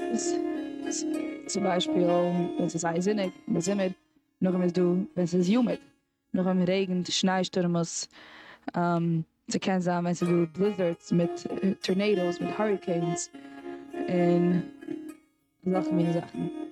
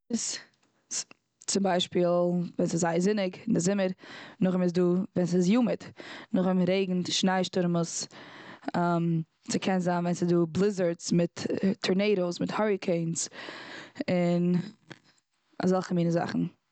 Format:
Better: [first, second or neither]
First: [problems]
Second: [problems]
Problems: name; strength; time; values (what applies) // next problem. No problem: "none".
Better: second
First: noise reduction (neural mask model RNNoise)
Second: none